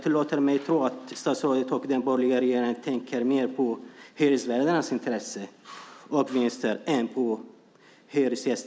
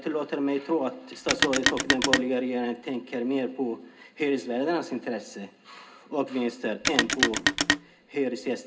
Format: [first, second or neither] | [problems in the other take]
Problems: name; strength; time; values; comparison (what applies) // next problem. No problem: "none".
first | background sound (Telephone); 2 dB above the speech // room echo; dies away in 0.2 s